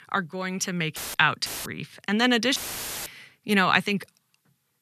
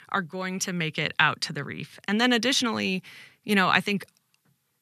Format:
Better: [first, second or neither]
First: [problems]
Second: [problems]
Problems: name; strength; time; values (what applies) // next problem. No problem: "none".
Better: second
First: audio cutting out; filled with static; at 1 s, at 1.5 s and at 2.5 s for 0.5 s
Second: none